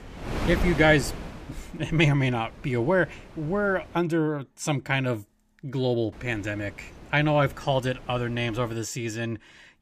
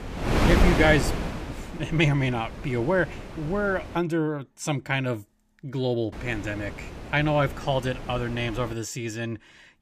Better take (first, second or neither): first